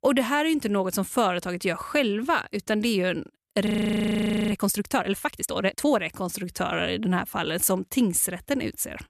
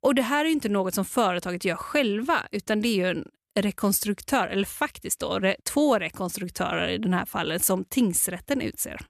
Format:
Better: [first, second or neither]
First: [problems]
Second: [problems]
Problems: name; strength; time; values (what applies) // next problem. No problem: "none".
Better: second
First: audio freezing; at 3.5 s for 1 s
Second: none